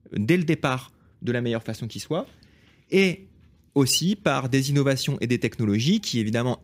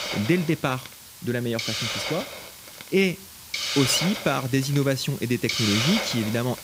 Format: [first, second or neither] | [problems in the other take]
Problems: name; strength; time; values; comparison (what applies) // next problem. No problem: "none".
first | hiss; loud; throughout; 4 dB below the speech